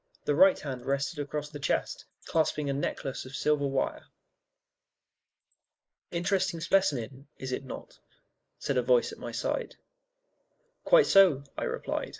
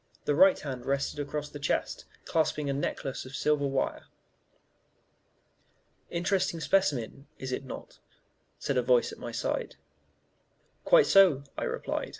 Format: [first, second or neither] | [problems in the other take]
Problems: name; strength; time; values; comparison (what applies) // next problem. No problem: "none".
second | noise reduction (neural mask model Resemble Enhance denoiser)